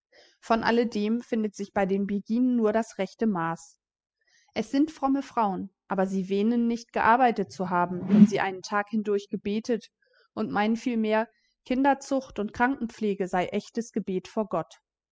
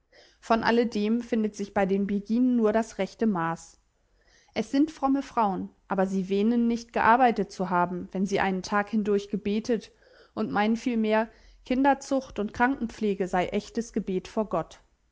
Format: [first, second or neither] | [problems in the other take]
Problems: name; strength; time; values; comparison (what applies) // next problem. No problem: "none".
second | noise reduction (classical method spectral subtraction)